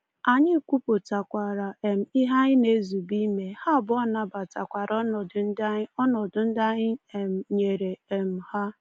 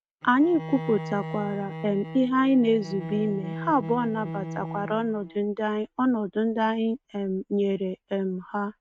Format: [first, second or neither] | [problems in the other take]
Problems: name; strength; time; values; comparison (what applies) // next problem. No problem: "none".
first | noise reduction (neural mask model RNNoise)